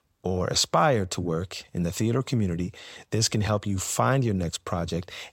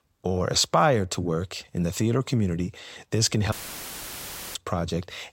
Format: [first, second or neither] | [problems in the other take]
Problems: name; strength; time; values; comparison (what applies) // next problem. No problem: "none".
first | audio cutting out; filled with static; at 3.5 s for 1 s